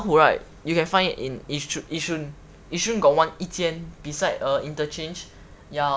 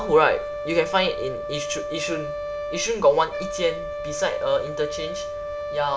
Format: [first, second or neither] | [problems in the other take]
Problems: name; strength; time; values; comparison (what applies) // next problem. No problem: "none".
first | background sound (Brass instrument); 6 dB below the speech // room echo; dies away in 0.4 s